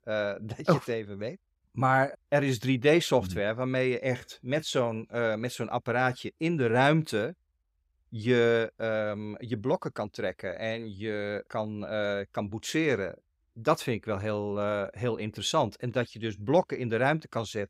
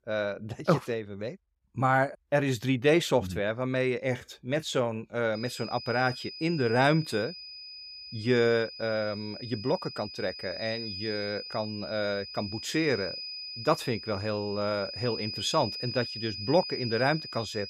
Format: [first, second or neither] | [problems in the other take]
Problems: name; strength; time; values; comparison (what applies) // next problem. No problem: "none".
first | high-pitched whine; loud; from 5.5 s on; 5 kHz, 8 dB below the speech